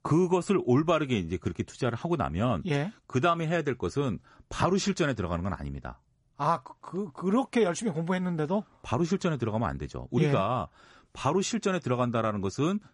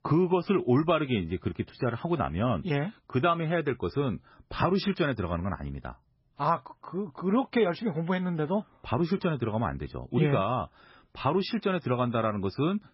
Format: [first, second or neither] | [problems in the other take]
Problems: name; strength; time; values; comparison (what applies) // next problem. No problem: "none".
first | garbled, watery; badly; nothing above 5.5 kHz; slightly in the first